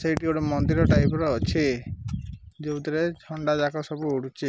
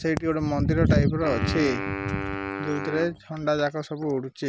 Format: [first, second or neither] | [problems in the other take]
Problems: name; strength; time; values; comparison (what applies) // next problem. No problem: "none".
first | background sound (Wind instrument, woodwind instrument); 9 dB below the speech